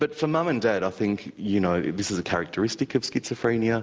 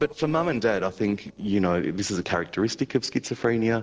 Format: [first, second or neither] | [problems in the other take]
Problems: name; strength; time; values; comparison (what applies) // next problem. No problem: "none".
first | noise reduction (neural separator model SepFormer DNS4)